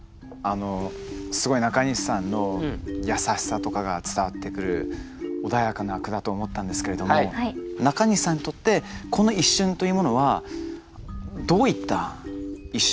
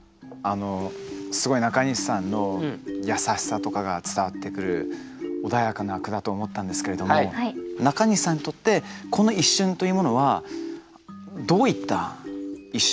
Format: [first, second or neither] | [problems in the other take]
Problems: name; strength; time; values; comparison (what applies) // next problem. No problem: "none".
second | background sound (Rattle); 17 dB below the speech